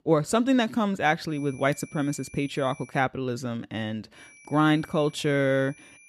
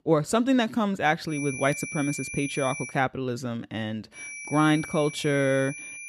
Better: first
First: high-pitched whine; faint; from 1.5 to 3 s and from 4 s on; 2.5 kHz, 25 dB below the speech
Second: high-pitched whine; loud; from 1.5 to 3 s and from 4 s on; 2.5 kHz, 9 dB below the speech

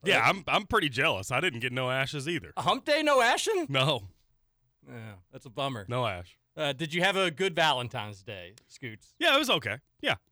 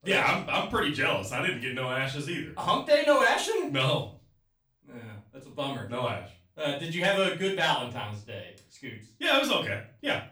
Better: first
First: none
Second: off-mic speech; far // room echo; slight; dies away in 0.3 s

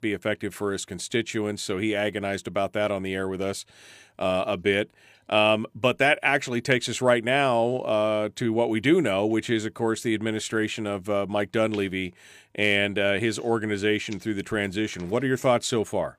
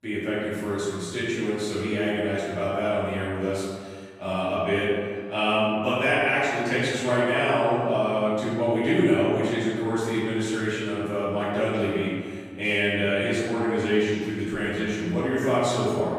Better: first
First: none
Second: room echo; strong; dies away in 1.7 s // off-mic speech; far

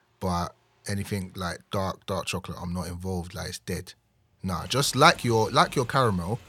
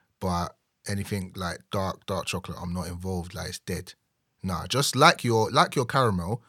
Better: second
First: traffic noise; faint; throughout; 20 dB below the speech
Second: none

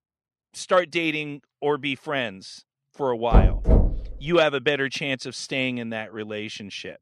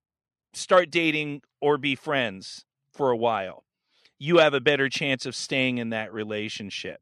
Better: second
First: door banging; loud; at 3.5 s; peak 6 dB above the speech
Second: none

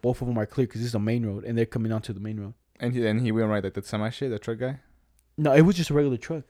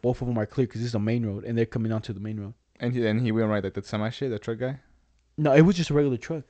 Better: first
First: none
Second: garbled, watery; slightly; nothing above 7.5 kHz

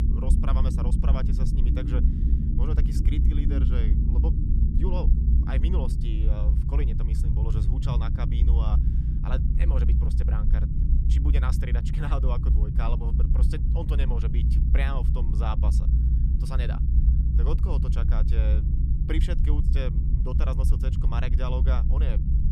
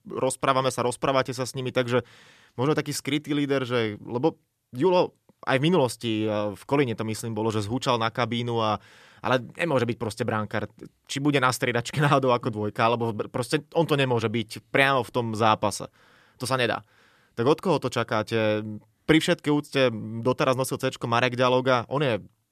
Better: second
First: low rumble; loud; throughout; 2 dB below the speech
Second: none

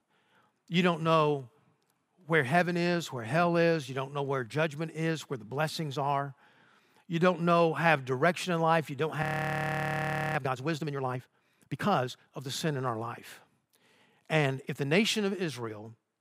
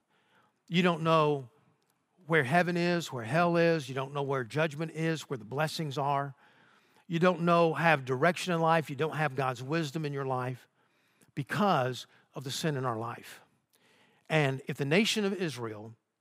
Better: second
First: audio freezing; at 9 s for 1 s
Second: none

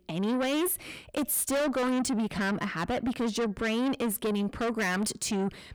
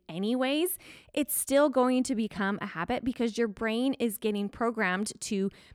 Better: second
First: distortion; heavy; 6 dB below the speech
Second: none

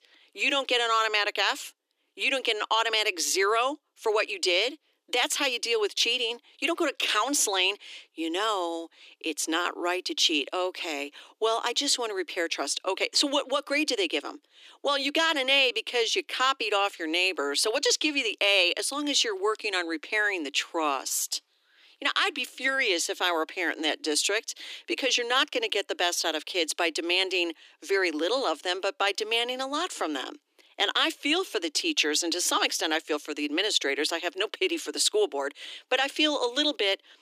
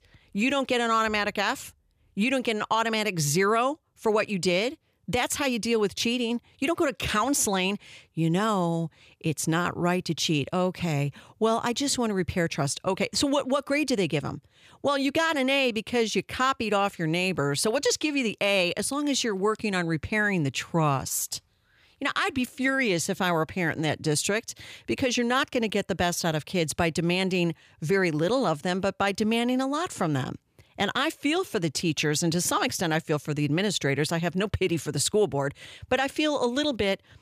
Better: second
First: thin; somewhat; fading below 300 Hz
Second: none

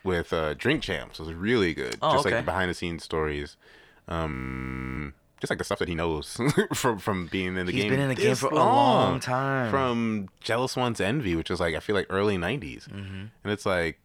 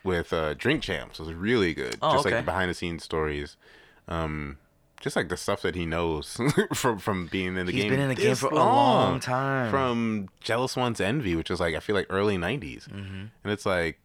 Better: second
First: audio freezing; at 4.5 s for 0.5 s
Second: none

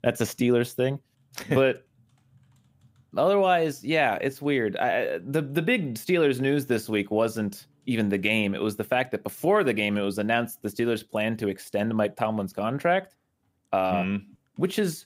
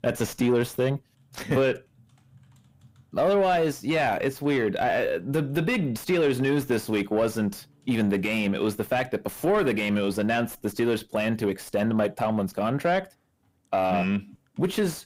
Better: first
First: none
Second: distortion; slight; 10 dB below the speech

